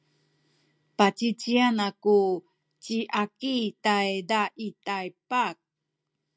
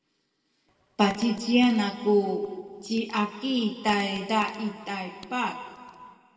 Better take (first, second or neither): first